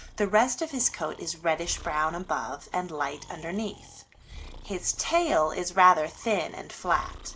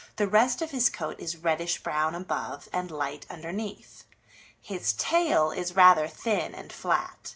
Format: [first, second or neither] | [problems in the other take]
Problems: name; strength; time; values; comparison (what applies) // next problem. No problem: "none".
second | background sound (Breathing); 18 dB below the speech